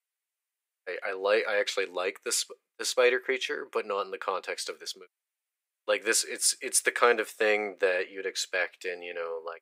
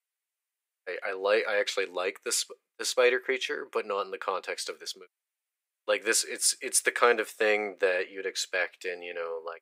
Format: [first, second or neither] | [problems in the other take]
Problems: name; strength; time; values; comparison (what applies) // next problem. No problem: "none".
neither | thin; very; fading below 400 Hz; the same in both